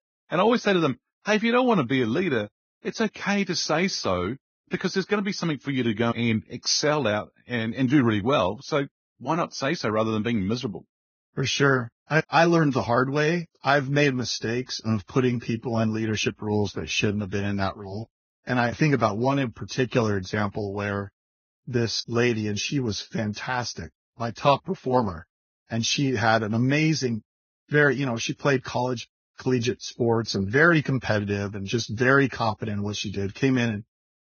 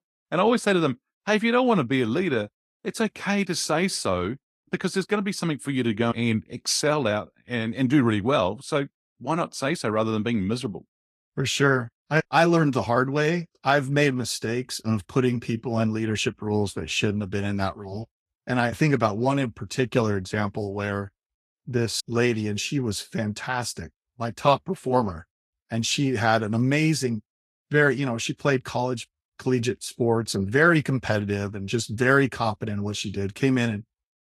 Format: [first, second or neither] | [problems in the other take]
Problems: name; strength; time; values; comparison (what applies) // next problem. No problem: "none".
second | garbled, watery; badly; nothing above 6.5 kHz; slightly in the second